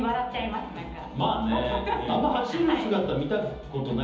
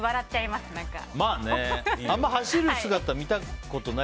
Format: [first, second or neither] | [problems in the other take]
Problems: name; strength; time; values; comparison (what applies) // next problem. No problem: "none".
second | room echo; dies away in 1.3 s